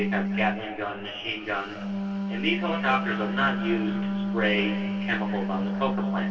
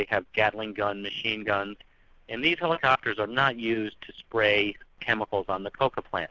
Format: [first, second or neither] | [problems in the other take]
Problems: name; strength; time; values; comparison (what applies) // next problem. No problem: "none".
second | background sound (Wind instrument, woodwind instrument); as loud as the speech // room echo; dies away in 2.5 s